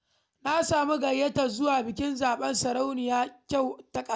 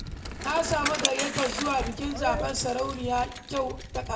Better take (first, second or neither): first